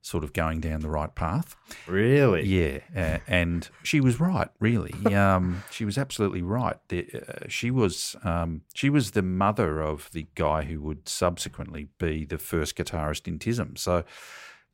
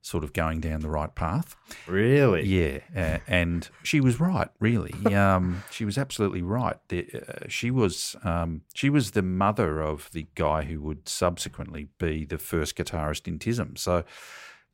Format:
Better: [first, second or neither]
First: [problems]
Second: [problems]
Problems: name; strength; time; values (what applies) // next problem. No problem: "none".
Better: neither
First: none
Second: none